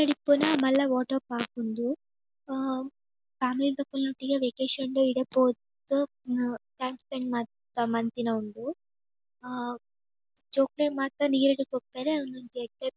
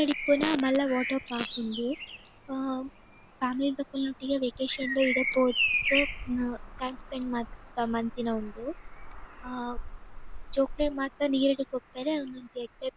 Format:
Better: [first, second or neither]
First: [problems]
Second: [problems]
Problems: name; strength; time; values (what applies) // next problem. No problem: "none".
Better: first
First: none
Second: background sound (Bird vocalization, bird call, bird song); 6 dB below the speech